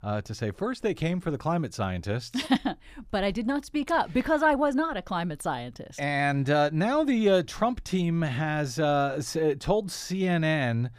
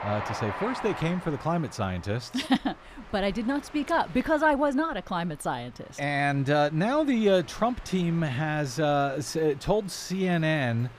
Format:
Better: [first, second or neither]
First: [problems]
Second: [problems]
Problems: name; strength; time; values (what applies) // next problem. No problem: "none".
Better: first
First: none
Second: train or aircraft noise; noticeable; throughout; 15 dB below the speech